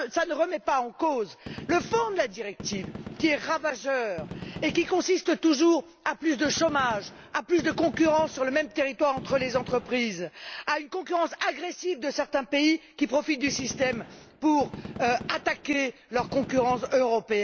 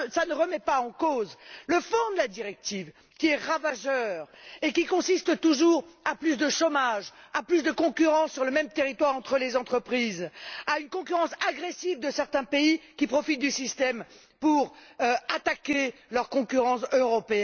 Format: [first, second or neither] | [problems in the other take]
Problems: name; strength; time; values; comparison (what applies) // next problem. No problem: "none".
second | background sound (Gunshot, gunfire); 14 dB below the speech